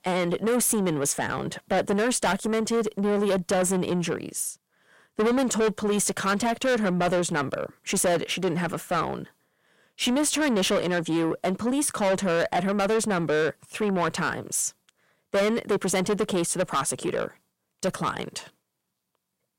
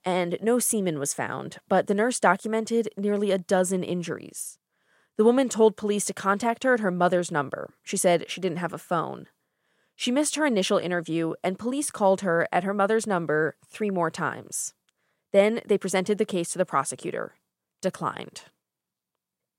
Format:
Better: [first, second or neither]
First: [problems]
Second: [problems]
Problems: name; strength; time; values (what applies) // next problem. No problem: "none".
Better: second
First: distortion; heavy; 6 dB below the speech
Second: none